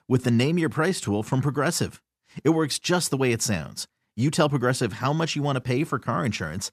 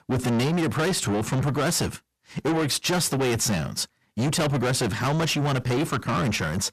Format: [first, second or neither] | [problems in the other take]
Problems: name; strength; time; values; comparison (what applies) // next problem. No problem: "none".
first | distortion; heavy; 5 dB below the speech